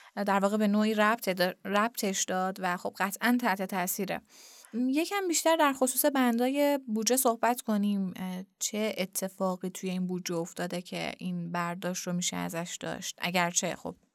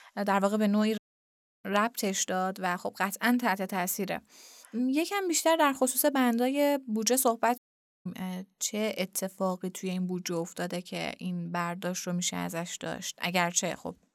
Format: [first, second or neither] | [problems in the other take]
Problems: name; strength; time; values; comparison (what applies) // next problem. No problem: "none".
first | audio cutting out; at 1 s for 0.5 s and at 7.5 s